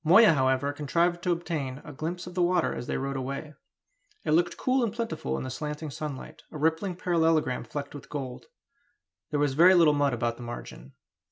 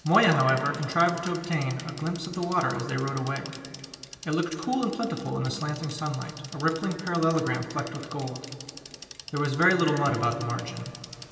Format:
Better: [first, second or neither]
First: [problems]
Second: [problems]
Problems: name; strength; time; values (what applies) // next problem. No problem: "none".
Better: first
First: none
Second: background sound (Bicycle); 17 dB below the speech // room echo; dies away in 2.9 s